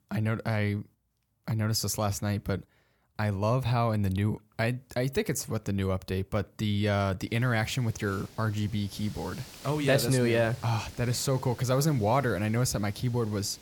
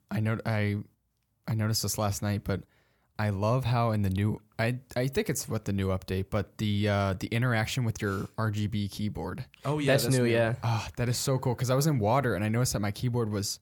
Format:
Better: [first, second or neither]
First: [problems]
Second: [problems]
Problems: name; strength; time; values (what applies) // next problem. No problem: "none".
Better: second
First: hiss; noticeable; from 7.5 s on; 20 dB below the speech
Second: none